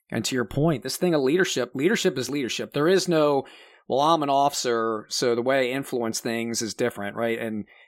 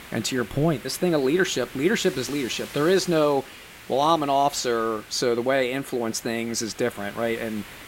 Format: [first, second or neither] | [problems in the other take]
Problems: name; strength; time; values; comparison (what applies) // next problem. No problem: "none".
first | hiss; noticeable; throughout; 15 dB below the speech